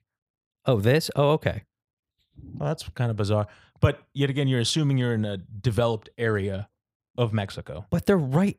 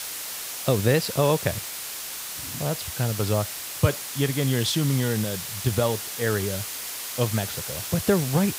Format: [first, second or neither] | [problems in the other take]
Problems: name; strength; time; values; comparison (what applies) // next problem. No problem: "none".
first | hiss; loud; throughout; 5 dB below the speech